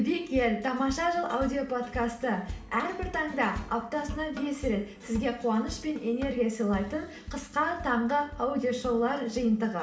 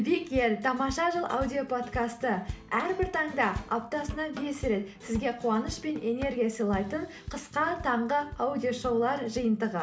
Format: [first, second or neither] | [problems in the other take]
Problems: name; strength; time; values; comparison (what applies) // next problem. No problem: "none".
second | room echo; dies away in 1.7 s